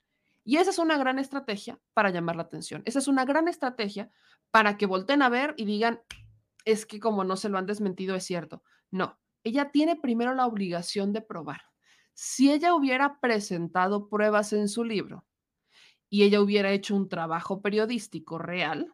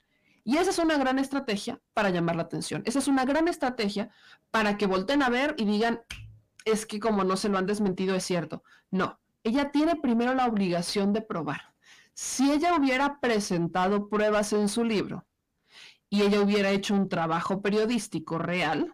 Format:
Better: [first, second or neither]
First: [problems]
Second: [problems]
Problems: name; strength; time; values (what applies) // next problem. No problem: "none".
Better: first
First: none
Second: distortion; heavy; 7 dB below the speech